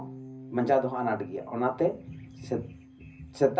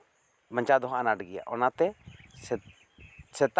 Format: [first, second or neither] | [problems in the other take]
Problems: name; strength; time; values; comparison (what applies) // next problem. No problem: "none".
second | background sound (Bass guitar); 17 dB below the speech // room echo; dies away in 0.4 s